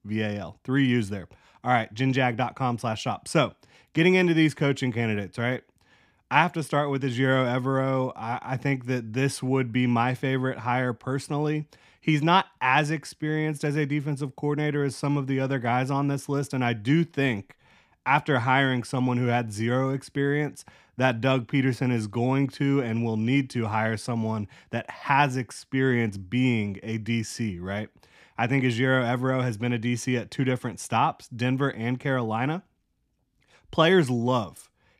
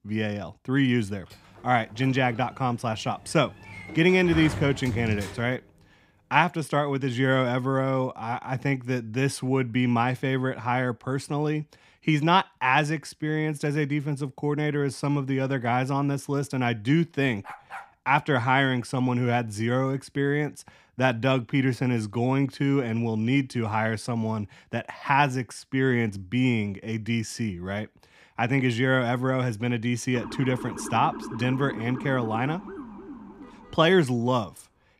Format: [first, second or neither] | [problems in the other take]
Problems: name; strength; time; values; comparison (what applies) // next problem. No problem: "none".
first | door banging; noticeable; from 1.5 to 5.5 s; peak 7 dB below the speech // dog barking; faint; at 17 s; peak 15 dB below the speech // siren; faint; from 30 to 34 s; peak 10 dB below the speech